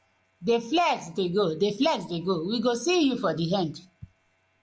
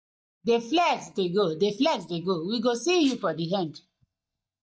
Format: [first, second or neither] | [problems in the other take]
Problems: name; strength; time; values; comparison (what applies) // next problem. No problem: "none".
first | noise reduction (neural mask model DeepFilterNet 3)